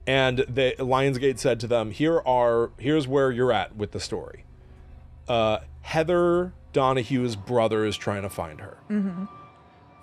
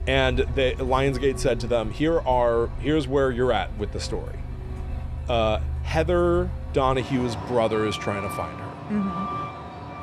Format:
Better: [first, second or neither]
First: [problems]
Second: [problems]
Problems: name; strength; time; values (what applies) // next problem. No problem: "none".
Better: first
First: traffic noise; faint; throughout; 25 dB below the speech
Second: traffic noise; loud; throughout; 9 dB below the speech